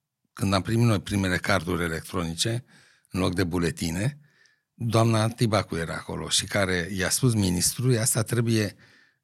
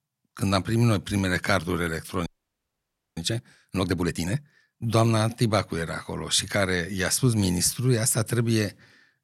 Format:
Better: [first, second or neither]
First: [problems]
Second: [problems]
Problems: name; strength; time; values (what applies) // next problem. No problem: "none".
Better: first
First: none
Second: audio freezing; at 2.5 s for 1 s